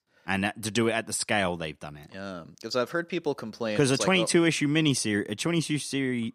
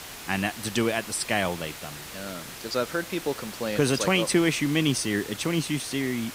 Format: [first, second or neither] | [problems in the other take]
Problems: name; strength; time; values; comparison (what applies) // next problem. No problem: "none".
first | hiss; noticeable; throughout; 10 dB below the speech